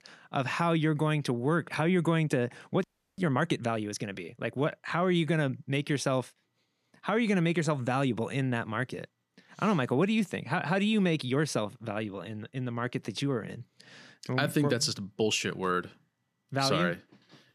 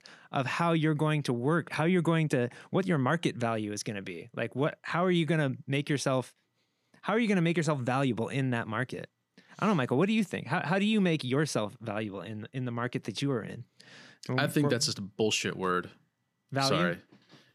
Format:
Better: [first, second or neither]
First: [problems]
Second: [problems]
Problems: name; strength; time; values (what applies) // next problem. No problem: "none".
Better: second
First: audio freezing; at 3 s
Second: none